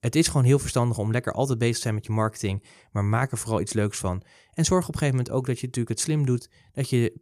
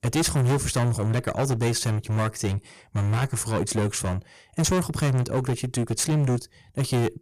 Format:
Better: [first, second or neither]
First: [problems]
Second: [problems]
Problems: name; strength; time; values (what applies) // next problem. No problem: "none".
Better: first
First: none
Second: distortion; heavy; 18% of the sound clipped